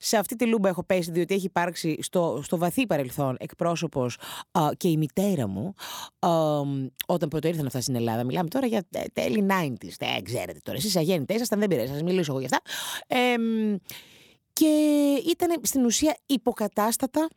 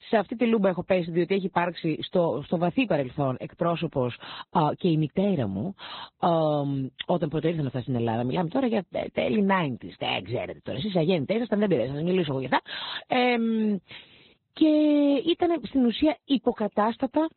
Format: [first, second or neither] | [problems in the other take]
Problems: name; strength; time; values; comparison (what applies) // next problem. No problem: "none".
first | garbled, watery; badly; nothing above 4 kHz